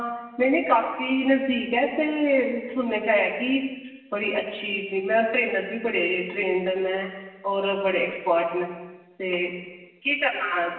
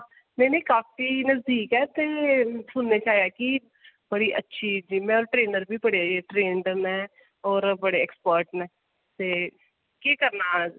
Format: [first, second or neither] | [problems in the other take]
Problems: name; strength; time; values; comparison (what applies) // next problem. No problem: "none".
second | room echo; dies away in 1.2 s